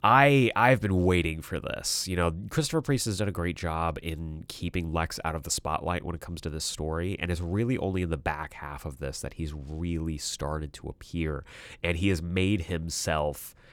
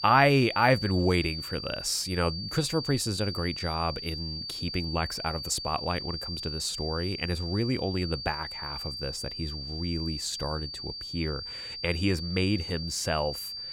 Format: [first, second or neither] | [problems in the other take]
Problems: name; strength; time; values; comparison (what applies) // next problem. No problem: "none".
first | high-pitched whine; loud; throughout; 4.5 kHz, 6 dB below the speech